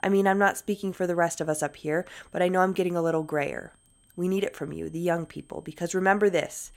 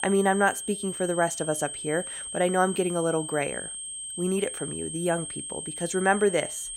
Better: first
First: high-pitched whine; faint; throughout; 8.5 kHz, 35 dB below the speech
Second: high-pitched whine; loud; throughout; 8.5 kHz, 7 dB below the speech

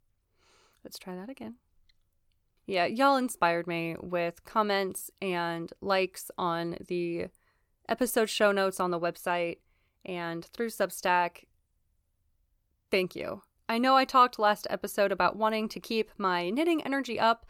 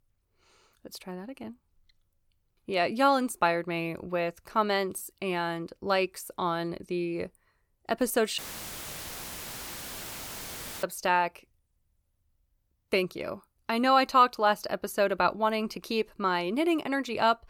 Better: first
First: none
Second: audio cutting out; filled with static; at 8.5 s for 2.5 s

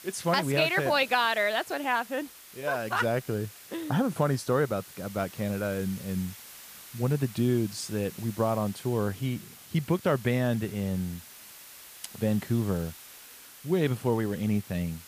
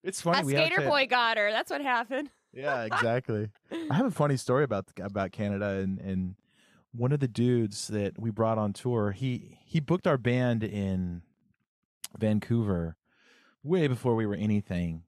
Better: second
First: hiss; noticeable; throughout; 15 dB below the speech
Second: none

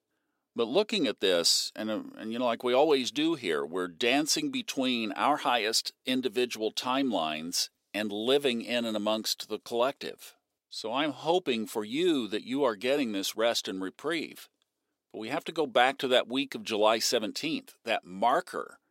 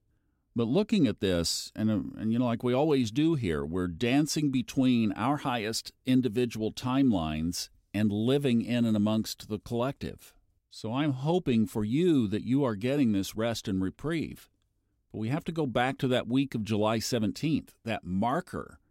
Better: second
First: thin; somewhat; fading below 500 Hz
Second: none

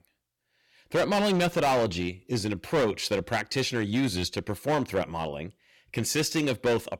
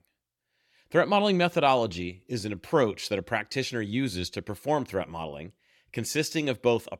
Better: second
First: distortion; heavy; 10% of the sound clipped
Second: none

